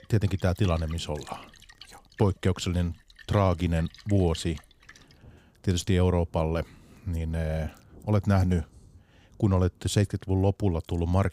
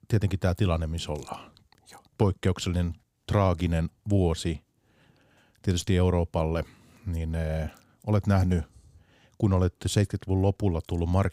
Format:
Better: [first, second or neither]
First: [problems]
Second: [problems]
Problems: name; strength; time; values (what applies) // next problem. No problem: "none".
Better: second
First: rain or running water; faint; throughout; 25 dB below the speech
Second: none